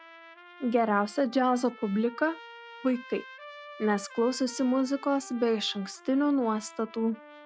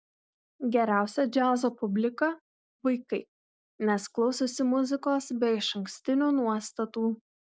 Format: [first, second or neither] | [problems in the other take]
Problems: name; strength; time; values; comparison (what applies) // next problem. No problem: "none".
second | background sound (Trumpet); 19 dB below the speech